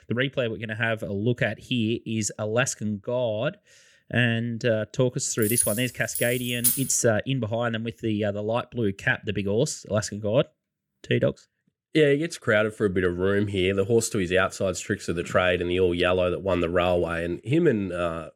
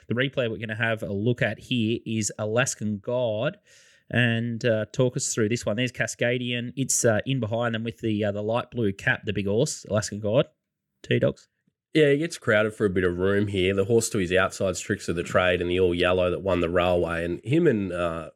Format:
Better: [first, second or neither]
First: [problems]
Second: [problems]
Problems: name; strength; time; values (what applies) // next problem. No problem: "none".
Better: second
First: jangling keys; loud; from 5.5 to 7 s; peak 2 dB above the speech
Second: none